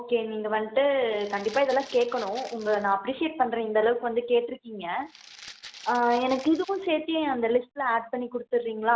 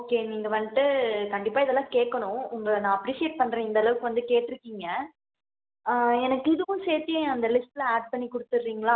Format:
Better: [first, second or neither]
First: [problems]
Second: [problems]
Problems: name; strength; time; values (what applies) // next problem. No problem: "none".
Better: second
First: background sound (Rattle (instrument)); 20 dB below the speech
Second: none